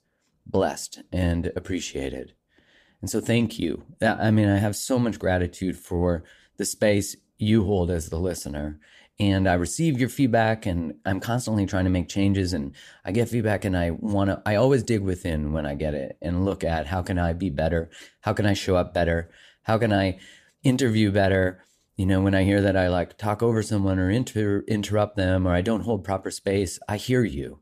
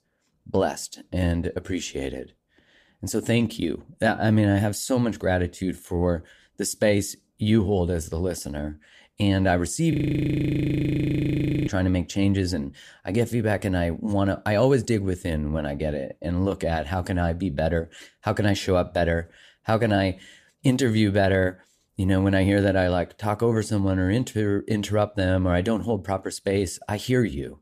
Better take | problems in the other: first | audio freezing; at 10 s for 1.5 s

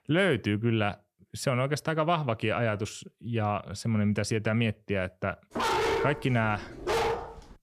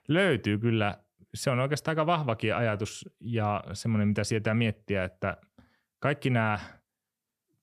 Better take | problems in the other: second | dog barking; loud; from 5.5 s on; peak 2 dB above the speech

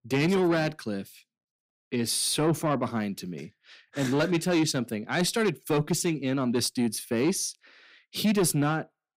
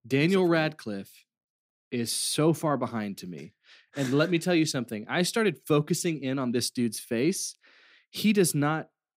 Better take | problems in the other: second | distortion; slight; 10 dB below the speech

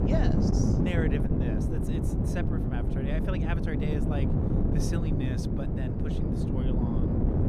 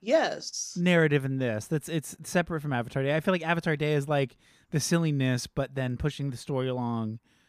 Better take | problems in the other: second | wind noise on the microphone; heavy; 3 dB above the speech

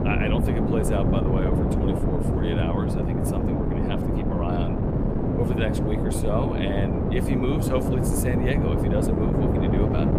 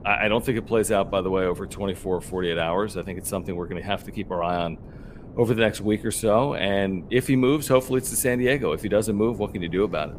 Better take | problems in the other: second | wind noise on the microphone; heavy; 2 dB above the speech; occasional gusts in the second

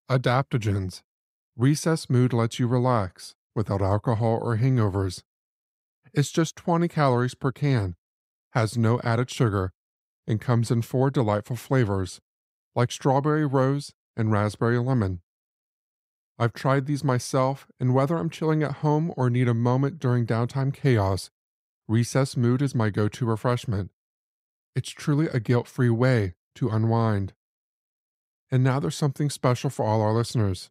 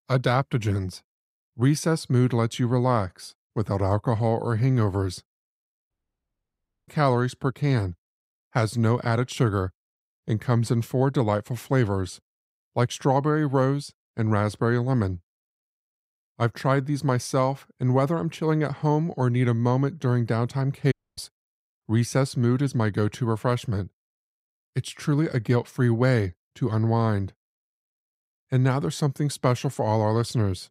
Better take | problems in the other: first | audio cutting out; at 6 s for 1 s and at 21 s

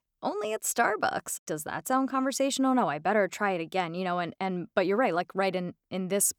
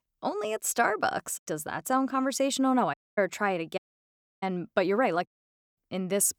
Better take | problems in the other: first | audio cutting out; at 3 s, at 4 s for 0.5 s and at 5.5 s for 0.5 s

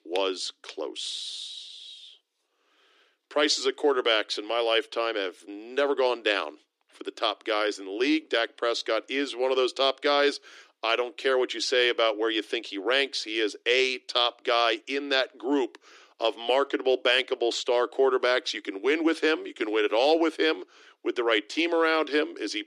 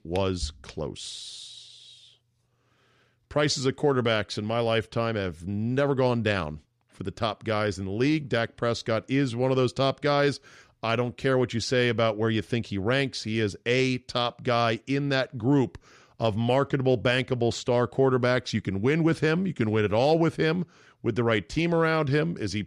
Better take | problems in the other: second | thin; somewhat; fading below 300 Hz

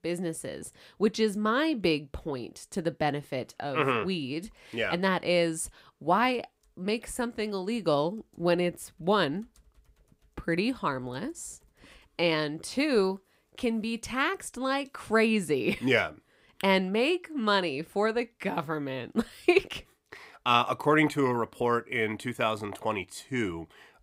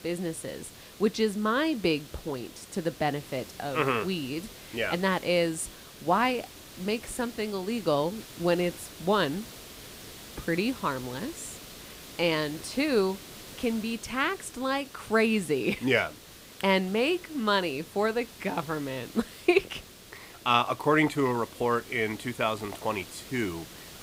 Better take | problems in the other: first | hiss; noticeable; throughout; 15 dB below the speech

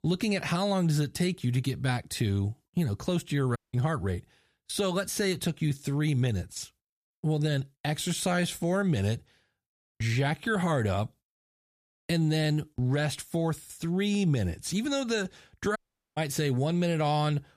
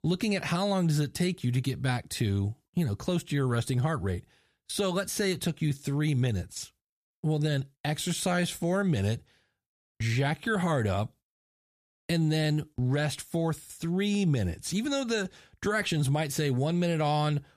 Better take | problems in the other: second | audio cutting out; at 3.5 s and at 16 s

